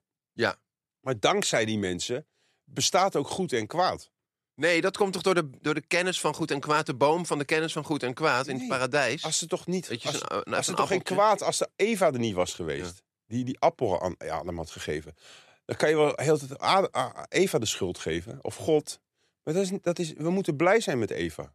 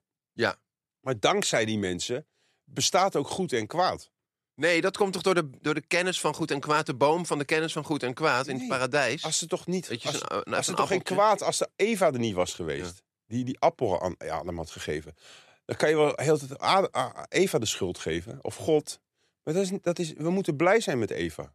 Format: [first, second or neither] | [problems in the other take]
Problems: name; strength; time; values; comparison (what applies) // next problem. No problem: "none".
neither | none